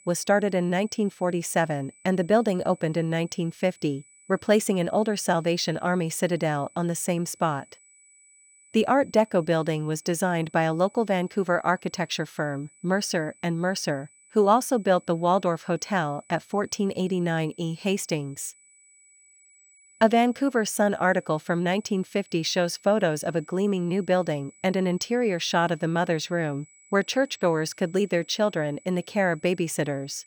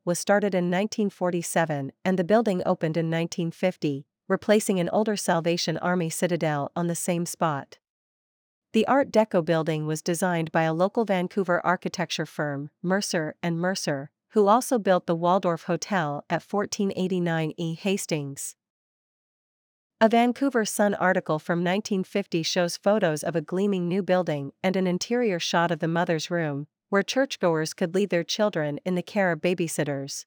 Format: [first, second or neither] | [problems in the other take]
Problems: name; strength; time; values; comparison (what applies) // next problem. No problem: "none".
second | high-pitched whine; faint; throughout; 8 kHz, 30 dB below the speech